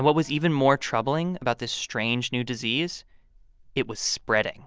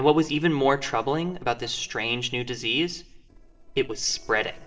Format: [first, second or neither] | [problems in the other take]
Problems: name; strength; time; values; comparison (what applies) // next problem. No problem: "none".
first | noise reduction (neural separator model SepFormer DNS4)